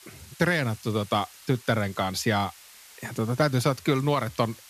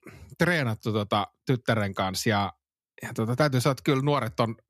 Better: second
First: hiss; faint; throughout; 20 dB below the speech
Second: none

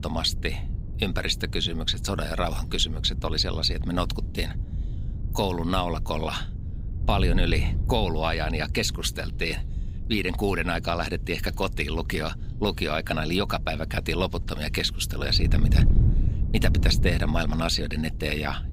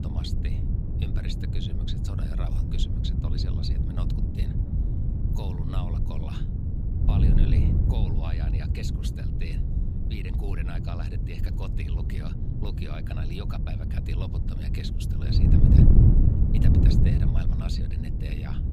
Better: first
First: wind noise on the microphone; occasional gusts; 15 dB below the speech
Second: wind noise on the microphone; heavy; 4 dB above the speech

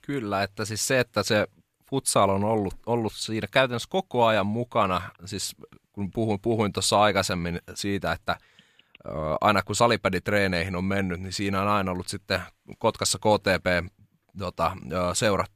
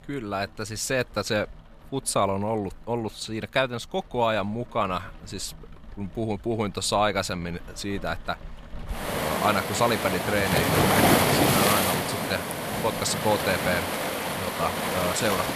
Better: first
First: none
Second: rain or running water; very loud; throughout; 3 dB above the speech

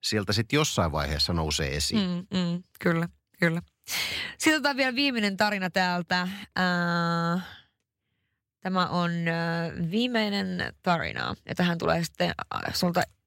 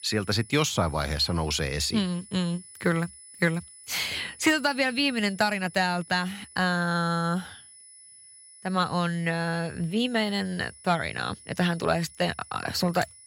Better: first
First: none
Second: high-pitched whine; noticeable; throughout; 10 kHz, 20 dB below the speech

